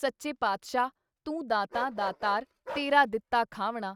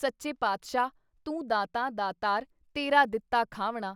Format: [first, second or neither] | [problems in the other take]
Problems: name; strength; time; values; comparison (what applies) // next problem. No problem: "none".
second | noise reduction (neural mask model RNNoise)